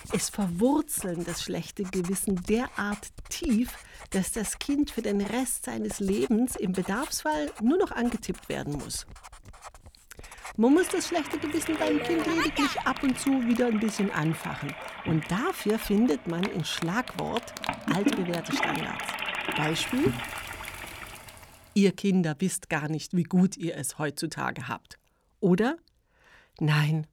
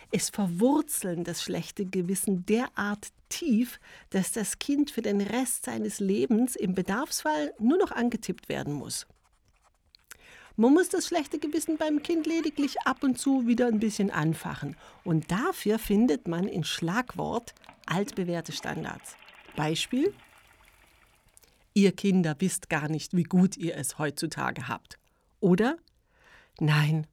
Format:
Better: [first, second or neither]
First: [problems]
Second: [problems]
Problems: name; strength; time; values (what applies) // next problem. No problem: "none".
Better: second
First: household noises; loud; until 21 s; 7 dB below the speech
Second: household noises; faint; until 21 s; 30 dB below the speech